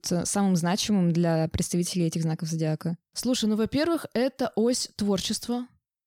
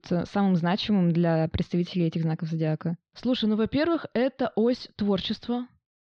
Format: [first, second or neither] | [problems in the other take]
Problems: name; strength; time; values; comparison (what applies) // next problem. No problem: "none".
first | muffled; slightly; fading above 4 kHz